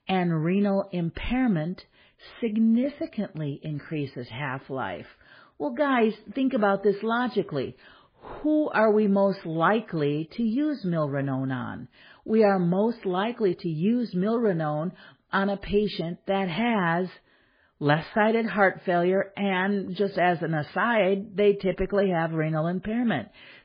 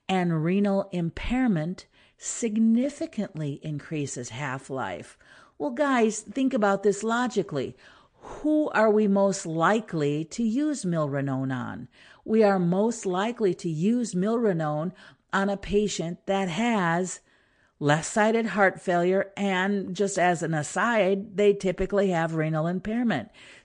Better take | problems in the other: second | garbled, watery; badly; nothing above 4.5 kHz; slightly in the second

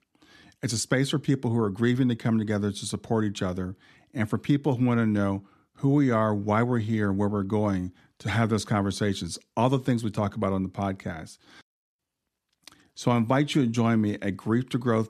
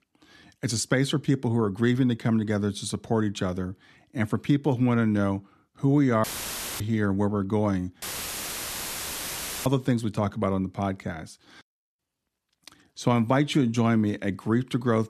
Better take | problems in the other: first | audio cutting out; filled with static; at 6 s for 0.5 s and at 8 s for 1.5 s

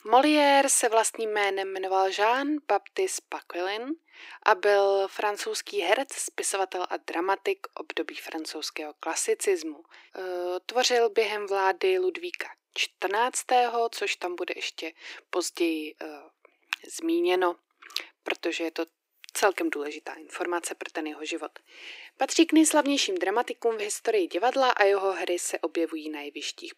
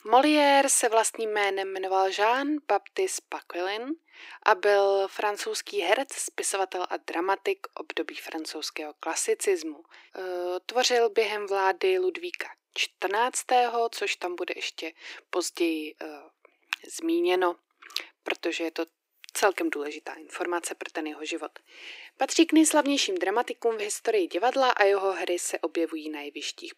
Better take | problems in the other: neither | thin; very; fading below 350 Hz; the same in both

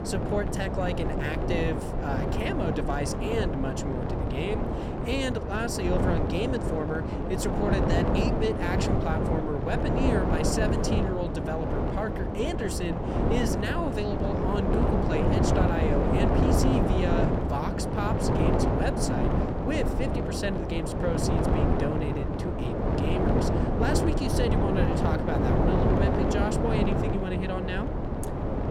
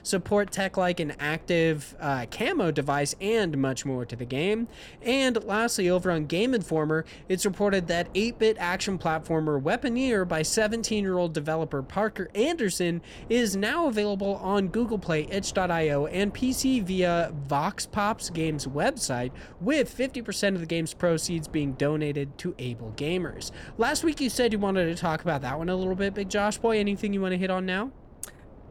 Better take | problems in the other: second | wind noise on the microphone; heavy; 2 dB above the speech; occasional gusts in the second

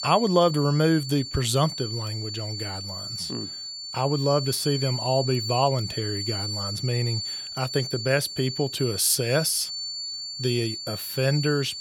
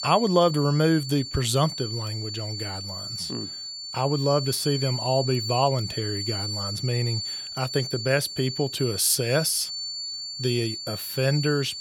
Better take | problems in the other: neither | high-pitched whine; loud; throughout; 4.5 kHz, 6 dB below the speech; the same in both

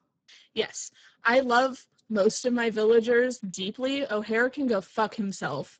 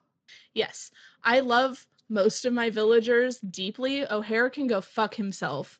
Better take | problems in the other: second | garbled, watery; badly; nothing above 7.5 kHz; slightly in the second

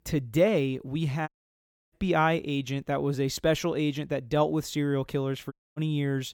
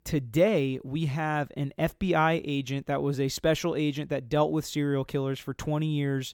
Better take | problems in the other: second | audio cutting out; at 1.5 s for 0.5 s and at 5.5 s

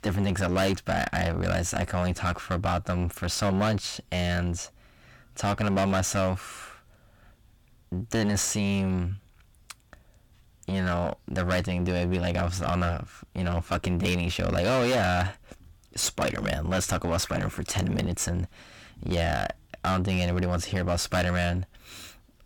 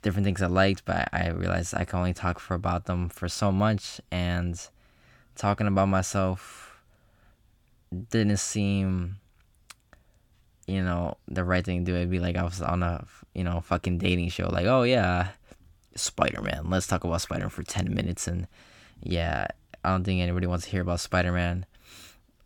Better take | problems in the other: second | distortion; heavy; 16% of the sound clipped

